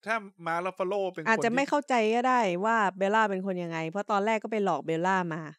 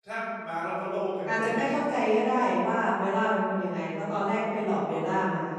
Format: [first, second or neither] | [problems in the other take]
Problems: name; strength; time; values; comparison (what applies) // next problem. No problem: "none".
first | off-mic speech; far // room echo; strong; dies away in 2.1 s